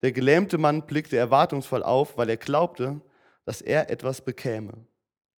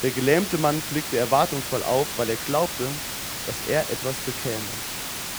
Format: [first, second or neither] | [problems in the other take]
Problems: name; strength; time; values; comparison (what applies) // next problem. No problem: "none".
first | hiss; loud; throughout; 4 dB below the speech